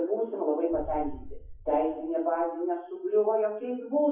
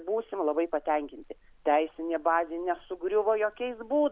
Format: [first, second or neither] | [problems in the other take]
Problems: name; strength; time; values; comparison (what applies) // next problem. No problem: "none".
second | noise reduction (classical method WPE with log-MMSE)